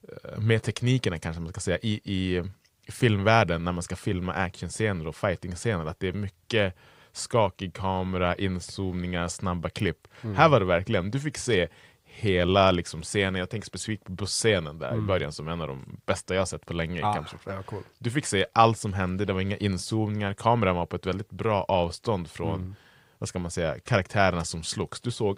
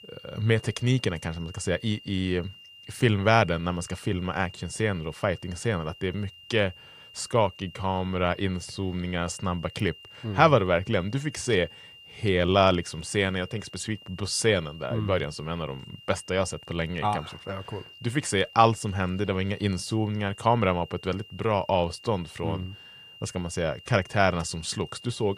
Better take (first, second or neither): first